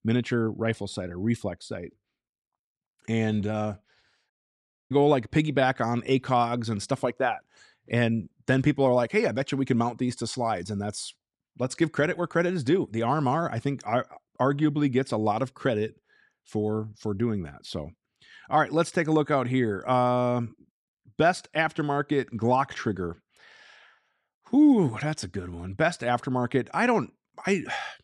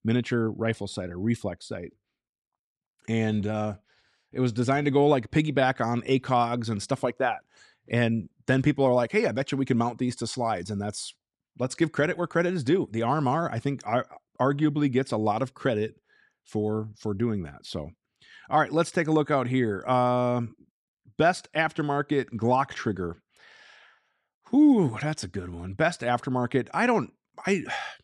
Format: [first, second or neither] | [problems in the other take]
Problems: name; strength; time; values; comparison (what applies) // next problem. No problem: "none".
second | audio cutting out; at 4.5 s for 0.5 s